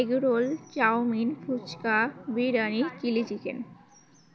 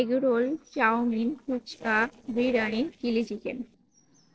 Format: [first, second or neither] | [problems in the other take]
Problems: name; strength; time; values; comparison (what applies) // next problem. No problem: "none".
first | noise reduction (neural separator model SepFormer DNS4)